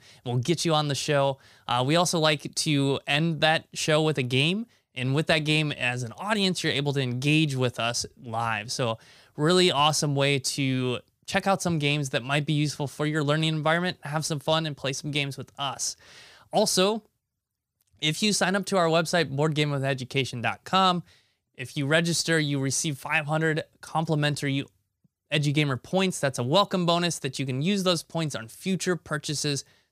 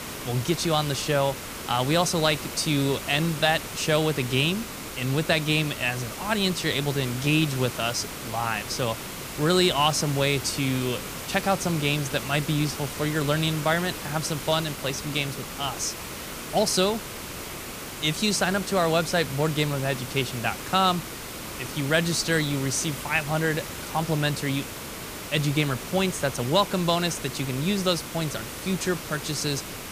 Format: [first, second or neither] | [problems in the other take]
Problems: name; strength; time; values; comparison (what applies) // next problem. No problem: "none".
first | hiss; loud; throughout; 9 dB below the speech